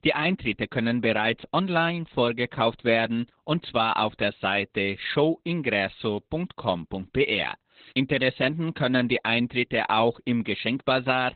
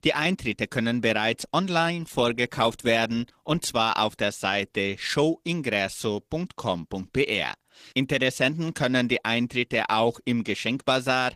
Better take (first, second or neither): second